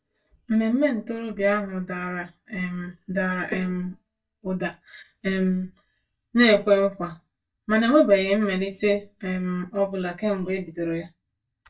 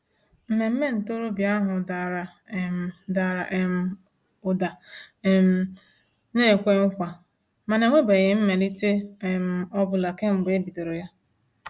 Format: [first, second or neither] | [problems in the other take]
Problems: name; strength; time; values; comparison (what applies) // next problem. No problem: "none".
second | noise reduction (neural mask model DeepFilterNet 3)